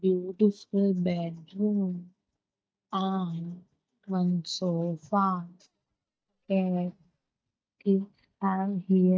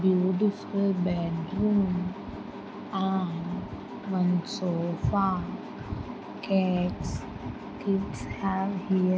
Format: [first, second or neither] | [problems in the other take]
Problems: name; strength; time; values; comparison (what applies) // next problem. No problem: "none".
second | noise reduction (neural mask model DeepFilterNet 3)